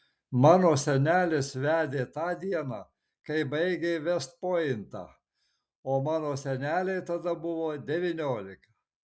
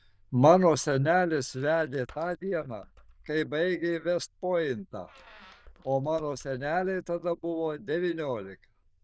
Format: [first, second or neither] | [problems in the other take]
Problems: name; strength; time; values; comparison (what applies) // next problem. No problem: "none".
first | noise reduction (neural diffusion model UNIVERSE++)